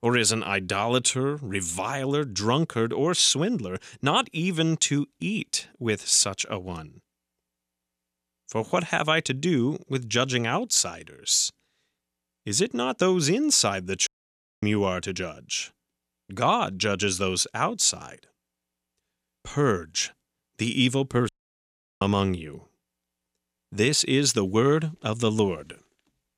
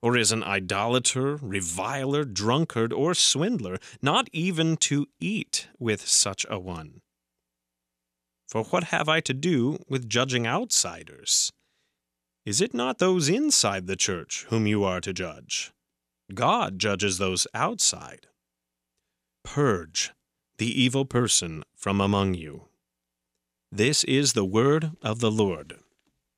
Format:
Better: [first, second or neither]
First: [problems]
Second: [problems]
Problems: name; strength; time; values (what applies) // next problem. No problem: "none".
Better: second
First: audio cutting out; at 14 s for 0.5 s and at 21 s for 0.5 s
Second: none